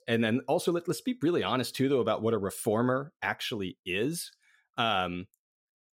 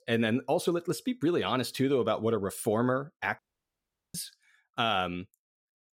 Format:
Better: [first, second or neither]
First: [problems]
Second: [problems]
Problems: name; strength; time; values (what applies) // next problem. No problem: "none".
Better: first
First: none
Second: audio cutting out; at 3.5 s for 0.5 s